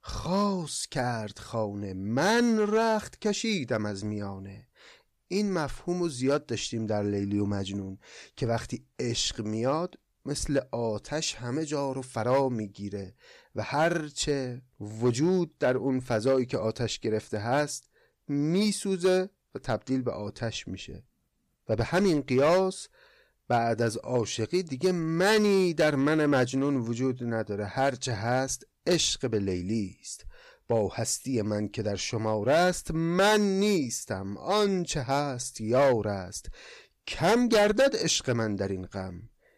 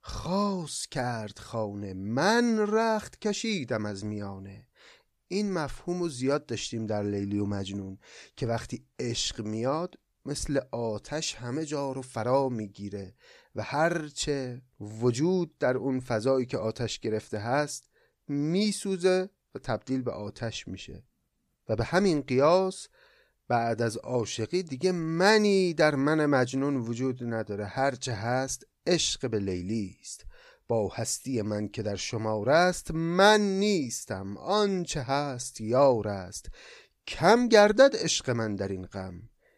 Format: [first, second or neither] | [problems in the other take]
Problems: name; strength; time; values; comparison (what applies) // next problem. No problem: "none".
second | distortion; slight; 3% of the sound clipped